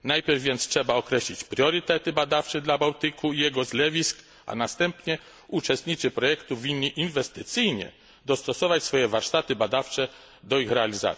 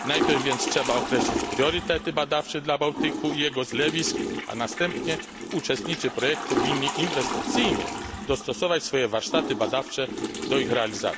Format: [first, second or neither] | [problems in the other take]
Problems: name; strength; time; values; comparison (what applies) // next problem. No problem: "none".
first | background sound (Toilet flush / Water); 3 dB below the speech